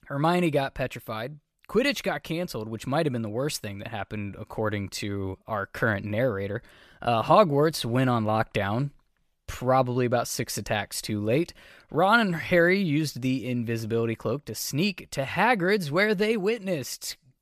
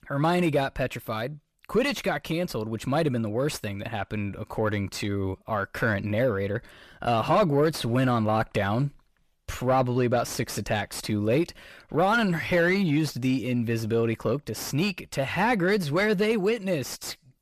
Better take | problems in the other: first | distortion; slight; 10 dB below the speech

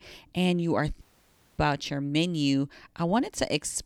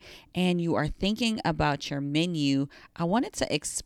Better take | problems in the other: second | audio cutting out; at 1 s for 0.5 s

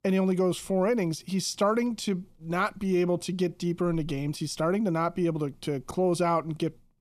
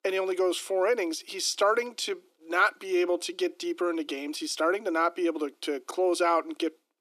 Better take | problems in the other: first | thin; very; fading below 300 Hz

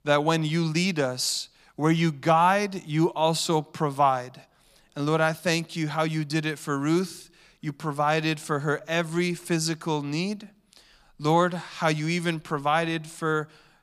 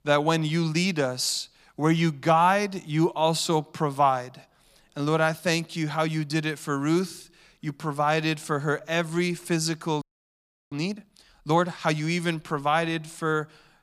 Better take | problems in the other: first | audio freezing; at 10 s for 0.5 s

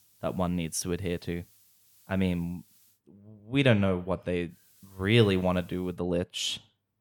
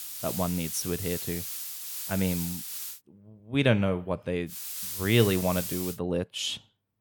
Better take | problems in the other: first | hiss; loud; until 3 s and from 4.5 to 6 s; 5 dB below the speech; faint in the first

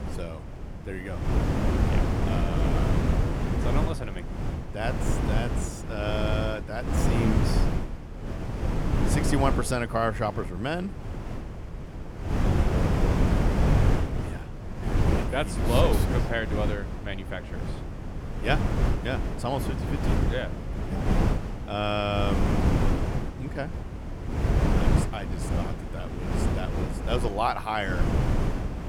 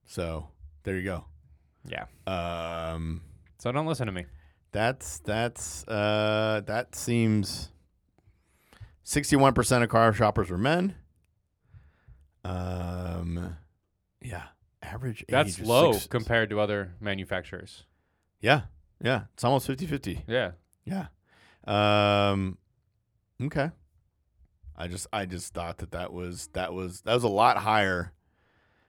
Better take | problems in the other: second | wind noise on the microphone; heavy; 3 dB below the speech

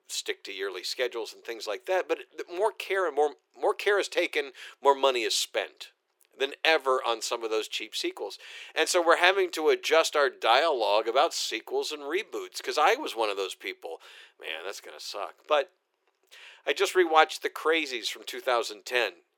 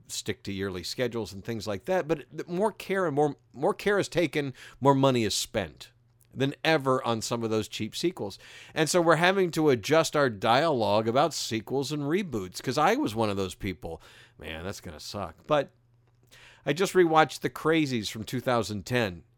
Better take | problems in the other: second | thin; very; fading below 400 Hz

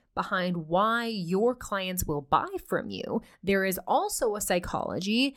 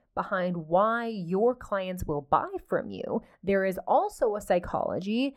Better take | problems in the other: first | muffled; very; fading above 3 kHz

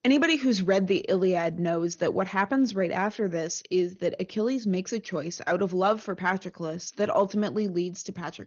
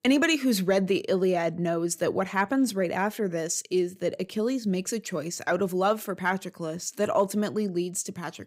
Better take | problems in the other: second | garbled, watery; slightly; nothing above 6.5 kHz

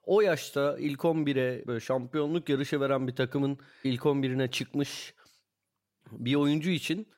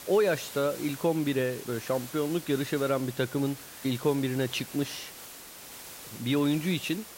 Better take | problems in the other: first | hiss; noticeable; throughout; 15 dB below the speech

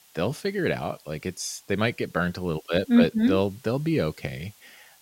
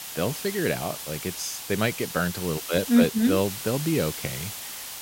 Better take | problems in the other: first | hiss; loud; throughout; 8 dB below the speech; faint in the first

